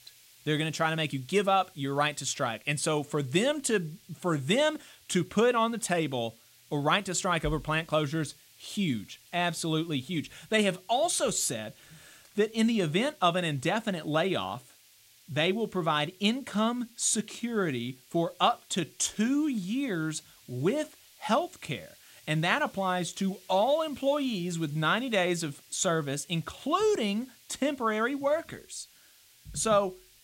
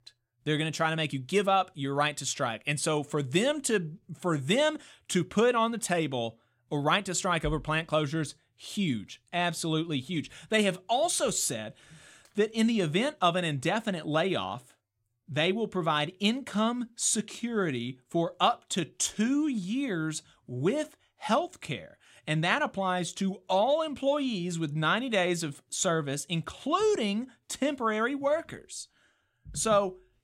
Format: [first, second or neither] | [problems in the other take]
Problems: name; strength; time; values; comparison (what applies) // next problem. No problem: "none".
second | hiss; faint; throughout; 25 dB below the speech